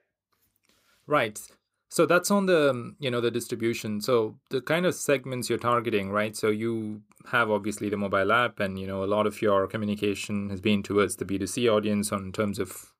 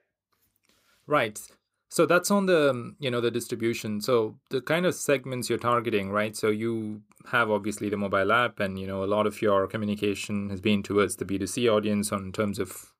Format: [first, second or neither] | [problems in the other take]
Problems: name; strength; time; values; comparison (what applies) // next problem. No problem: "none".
neither | none